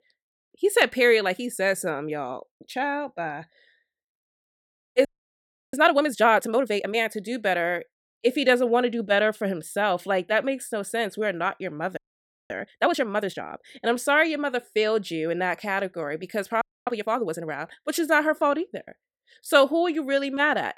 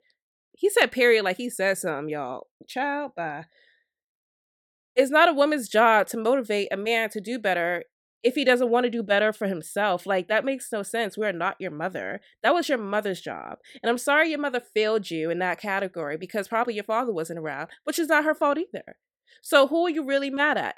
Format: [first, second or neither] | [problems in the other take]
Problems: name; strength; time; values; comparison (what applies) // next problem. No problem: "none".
second | audio freezing; at 5 s for 0.5 s, at 12 s for 0.5 s and at 17 s